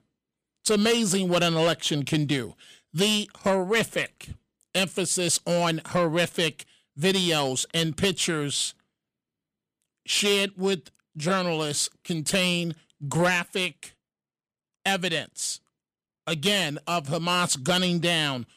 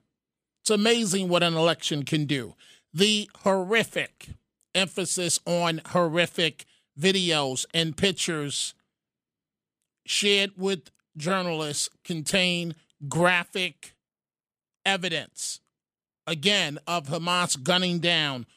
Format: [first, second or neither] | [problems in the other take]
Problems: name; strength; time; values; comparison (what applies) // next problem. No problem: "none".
second | distortion; slight; 10 dB below the speech